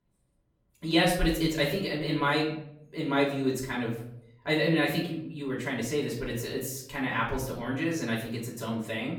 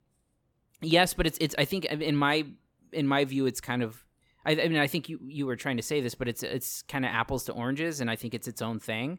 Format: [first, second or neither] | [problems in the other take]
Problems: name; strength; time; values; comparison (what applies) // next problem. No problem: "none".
second | off-mic speech; far // room echo; slight; dies away in 0.6 s